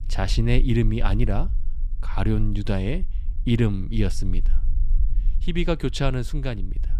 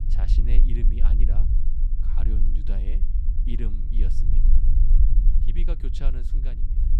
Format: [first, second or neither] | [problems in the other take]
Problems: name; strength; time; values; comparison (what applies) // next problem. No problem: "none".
first | low rumble; loud; throughout; 2 dB below the speech; faint in the first